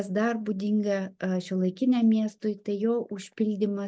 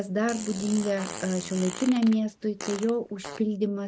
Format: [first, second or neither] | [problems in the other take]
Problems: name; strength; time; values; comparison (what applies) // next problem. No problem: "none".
first | background sound (Fart); 13 dB below the speech